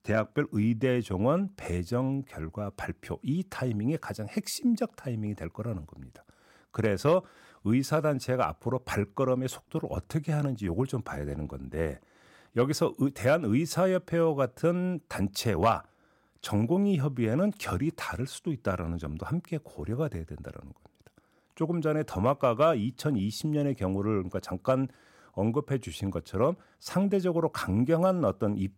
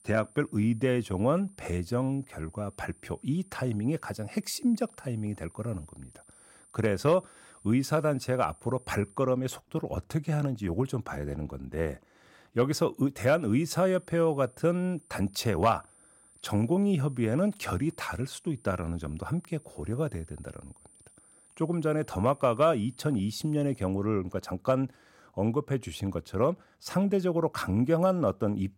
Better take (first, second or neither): first